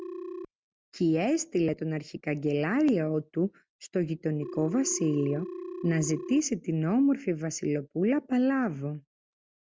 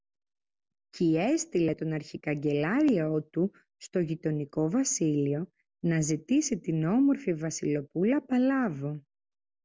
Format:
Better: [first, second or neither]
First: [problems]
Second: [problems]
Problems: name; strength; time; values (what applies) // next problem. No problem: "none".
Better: second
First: noise reduction (neural mask model RNNoise)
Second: none